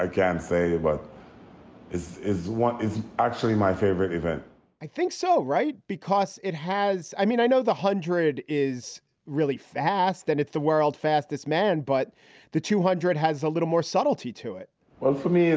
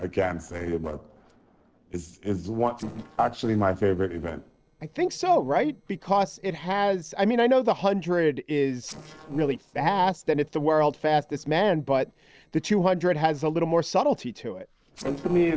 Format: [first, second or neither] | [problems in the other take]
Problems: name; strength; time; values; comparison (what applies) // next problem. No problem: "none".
first | noise reduction (neural separator model SepFormer DNS4)